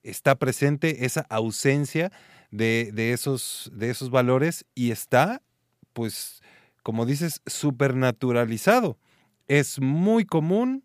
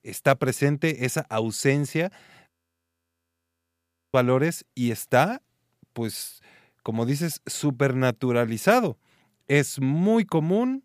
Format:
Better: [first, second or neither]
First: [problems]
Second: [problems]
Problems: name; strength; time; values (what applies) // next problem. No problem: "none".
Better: first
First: none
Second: audio freezing; at 2.5 s for 1.5 s